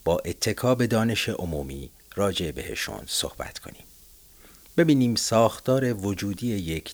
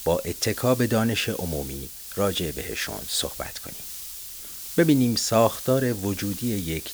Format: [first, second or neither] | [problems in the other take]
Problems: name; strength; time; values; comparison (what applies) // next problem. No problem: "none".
first | hiss; loud; throughout; 9 dB below the speech; faint in the first